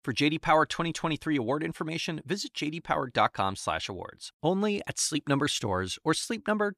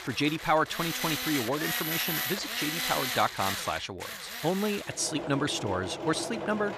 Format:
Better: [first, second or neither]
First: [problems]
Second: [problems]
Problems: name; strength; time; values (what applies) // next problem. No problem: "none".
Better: first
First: none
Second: machinery noise; loud; throughout; 3 dB below the speech